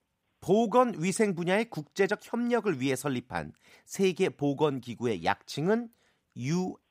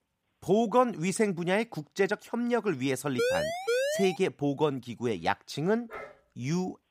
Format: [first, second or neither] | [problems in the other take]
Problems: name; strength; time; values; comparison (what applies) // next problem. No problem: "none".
first | siren; loud; at 3 s; peak 1 dB above the speech // dog barking; faint; at 6 s; peak 15 dB below the speech